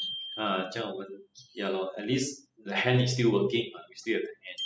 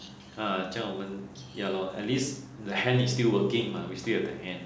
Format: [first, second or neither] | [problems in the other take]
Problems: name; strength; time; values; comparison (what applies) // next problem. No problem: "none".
second | noise reduction (classical method spectral subtraction)